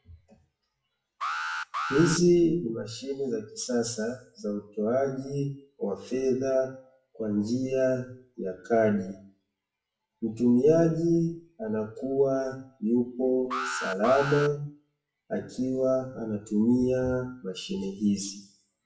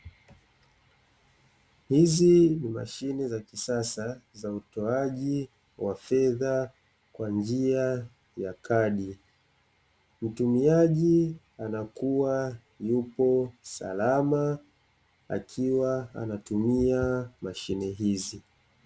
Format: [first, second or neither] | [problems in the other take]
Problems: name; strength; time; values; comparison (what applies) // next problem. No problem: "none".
second | noise reduction (classical method WPE with log-MMSE)